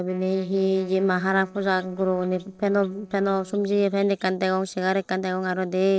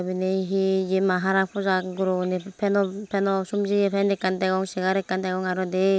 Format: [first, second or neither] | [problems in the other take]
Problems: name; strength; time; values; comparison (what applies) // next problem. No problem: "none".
second | noise reduction (neural separator model SepFormer DNS4)